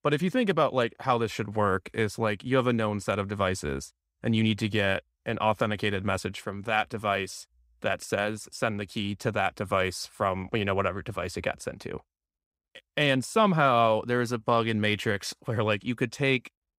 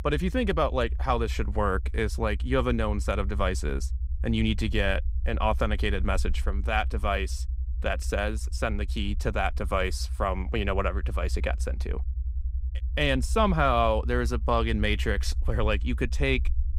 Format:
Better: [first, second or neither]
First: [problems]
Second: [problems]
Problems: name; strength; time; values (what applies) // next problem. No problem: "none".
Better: first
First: none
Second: low rumble; faint; throughout; 25 dB below the speech